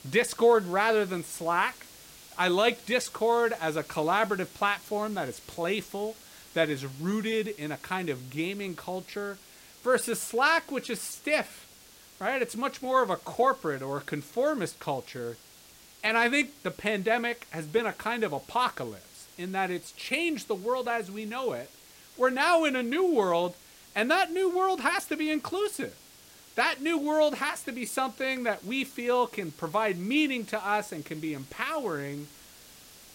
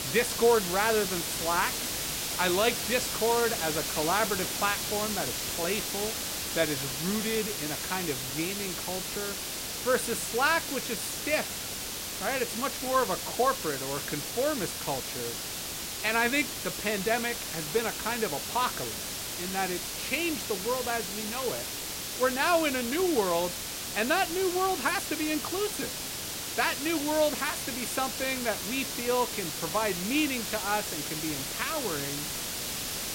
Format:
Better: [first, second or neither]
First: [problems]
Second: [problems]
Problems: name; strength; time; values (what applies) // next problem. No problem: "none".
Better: first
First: hiss; faint; throughout; 20 dB below the speech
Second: hiss; loud; throughout; 2 dB below the speech